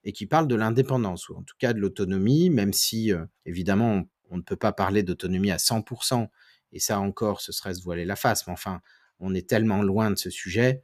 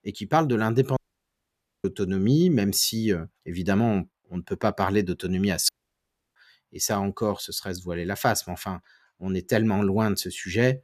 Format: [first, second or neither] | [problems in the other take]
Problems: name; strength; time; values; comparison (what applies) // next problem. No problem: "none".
first | audio cutting out; at 1 s for 1 s and at 5.5 s for 0.5 s